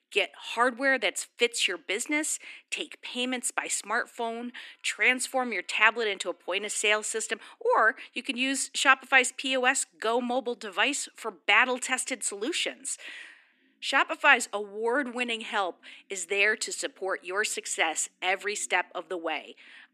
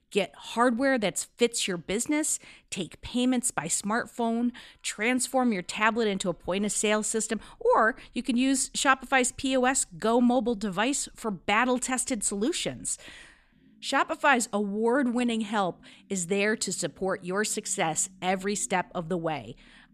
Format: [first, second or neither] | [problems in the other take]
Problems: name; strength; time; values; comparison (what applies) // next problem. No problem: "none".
second | thin; somewhat; fading below 300 Hz